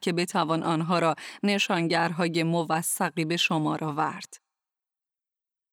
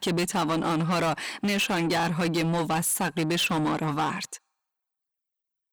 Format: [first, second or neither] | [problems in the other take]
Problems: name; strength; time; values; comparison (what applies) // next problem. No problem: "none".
first | distortion; heavy; 8 dB below the speech